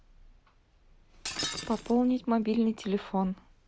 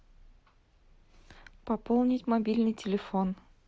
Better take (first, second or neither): second